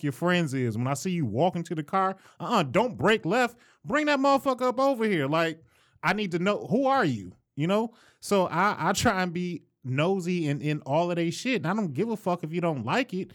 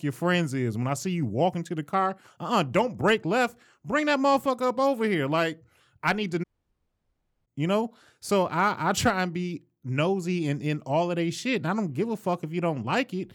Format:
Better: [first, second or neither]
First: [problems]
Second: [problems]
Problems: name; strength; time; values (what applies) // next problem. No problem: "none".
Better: first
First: none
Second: audio cutting out; at 6.5 s for 1 s